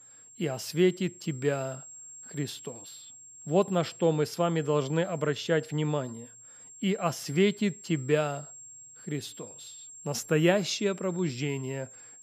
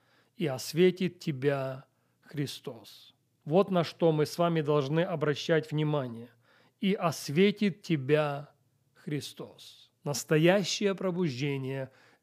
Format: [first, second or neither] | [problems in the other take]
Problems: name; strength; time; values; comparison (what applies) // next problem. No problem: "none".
second | high-pitched whine; noticeable; throughout; 7.5 kHz, 15 dB below the speech